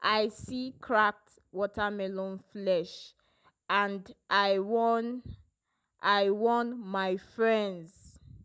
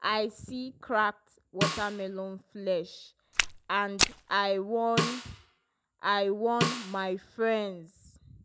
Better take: first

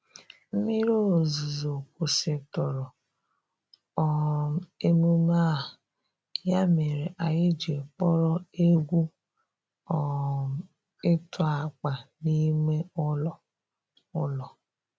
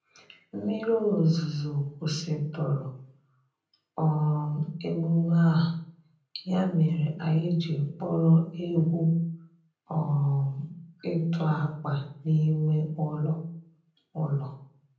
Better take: first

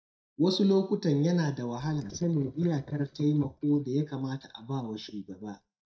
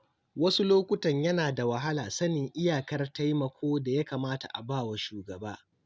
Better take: second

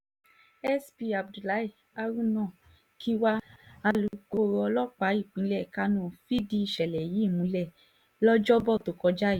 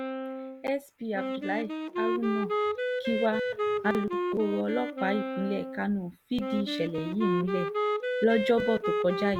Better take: first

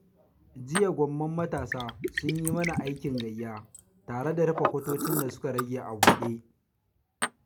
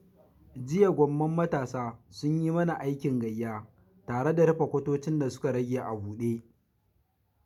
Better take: second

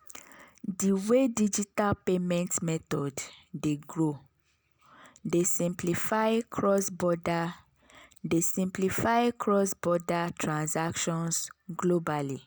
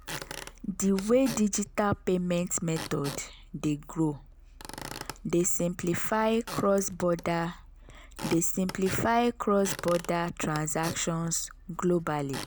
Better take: first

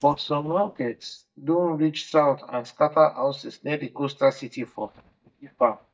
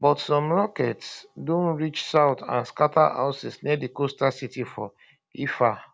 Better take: second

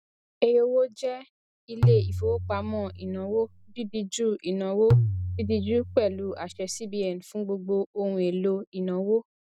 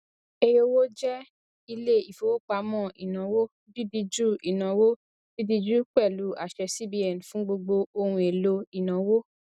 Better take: second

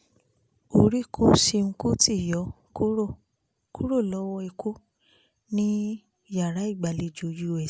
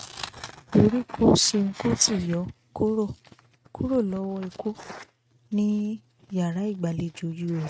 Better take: first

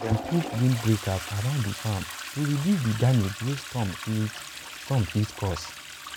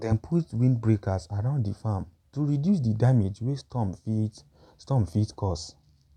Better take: second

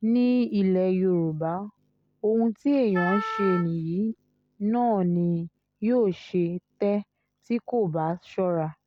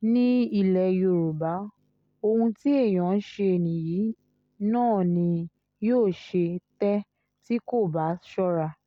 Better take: second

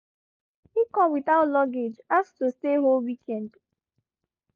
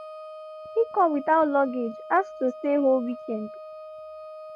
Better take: first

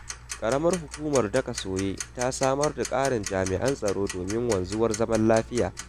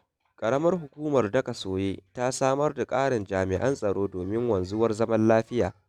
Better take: second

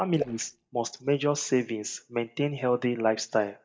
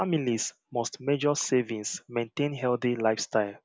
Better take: second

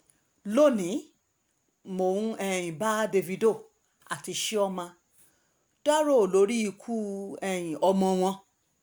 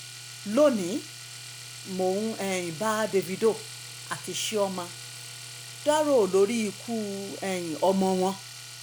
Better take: first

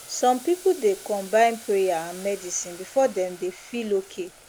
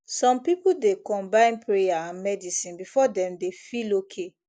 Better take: second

